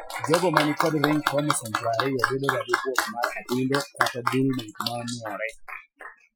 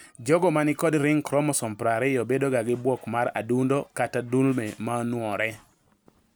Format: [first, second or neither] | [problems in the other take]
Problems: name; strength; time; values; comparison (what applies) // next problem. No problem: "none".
second | noise reduction (classical method Wiener filter)